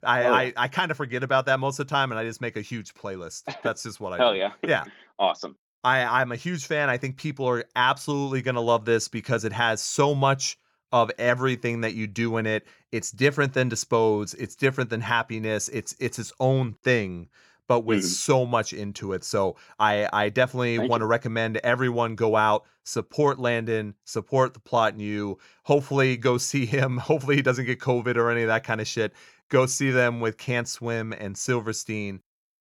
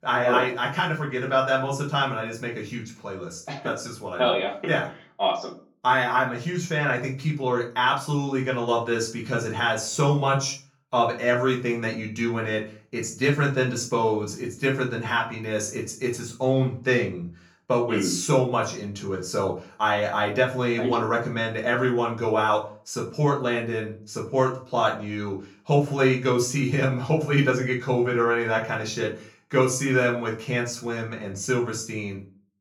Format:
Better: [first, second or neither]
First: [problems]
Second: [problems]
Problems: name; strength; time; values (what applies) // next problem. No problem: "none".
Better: first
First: none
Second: off-mic speech; far // room echo; slight; dies away in 0.3 s